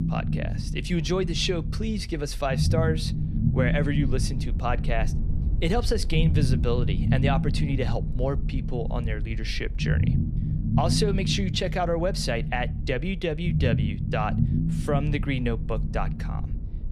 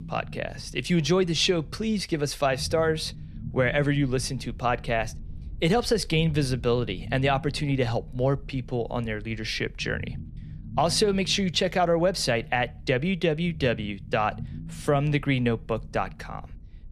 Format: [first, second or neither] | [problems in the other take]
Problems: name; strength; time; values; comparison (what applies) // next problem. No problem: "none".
second | low rumble; loud; throughout; 8 dB below the speech; faint in the second